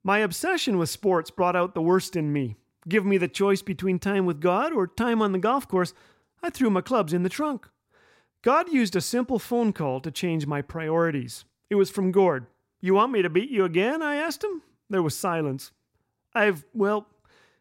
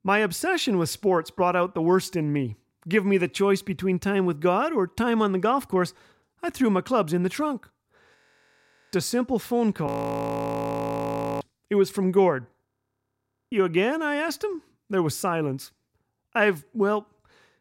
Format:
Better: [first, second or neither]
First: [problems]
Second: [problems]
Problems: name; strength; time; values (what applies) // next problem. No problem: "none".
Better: first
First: none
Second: audio freezing; at 8 s for 1 s, at 10 s for 1.5 s and at 13 s for 1 s